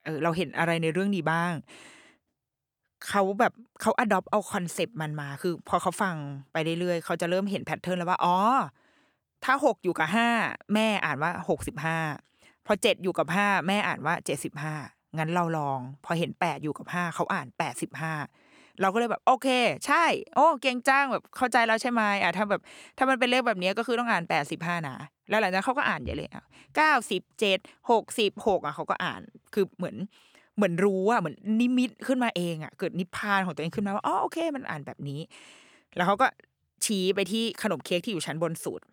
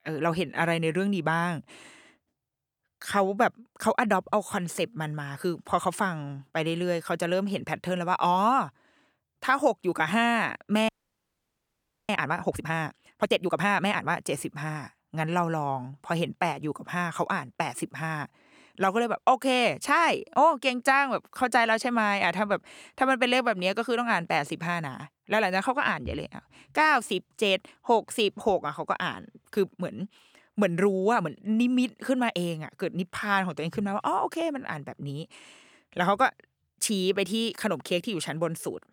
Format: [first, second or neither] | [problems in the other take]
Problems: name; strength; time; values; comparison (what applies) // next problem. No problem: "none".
first | audio freezing; at 11 s for 1 s